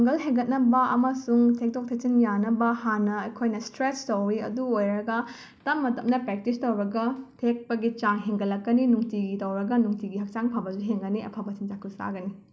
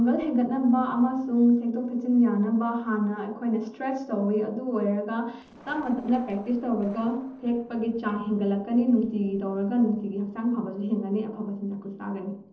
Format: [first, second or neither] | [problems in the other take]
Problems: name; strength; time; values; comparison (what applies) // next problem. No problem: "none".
first | noise reduction (neural separator model SepFormer DNS4)